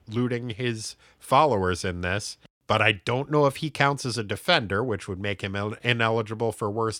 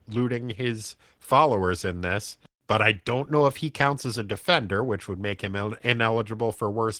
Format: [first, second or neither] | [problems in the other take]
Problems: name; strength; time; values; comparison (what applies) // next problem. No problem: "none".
first | garbled, watery; slightly